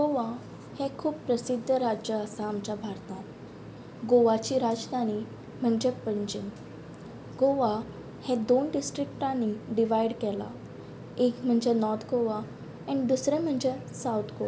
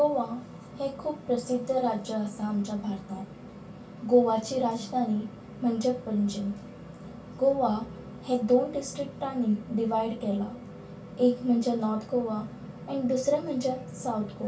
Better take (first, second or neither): first